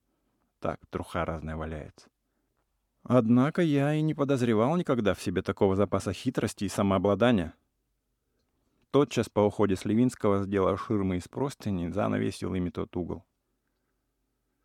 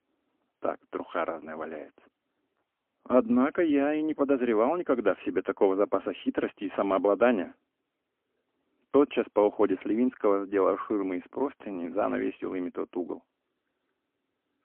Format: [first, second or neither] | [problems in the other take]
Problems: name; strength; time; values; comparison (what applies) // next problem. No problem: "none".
first | phone-call audio; poor line; nothing above 3 kHz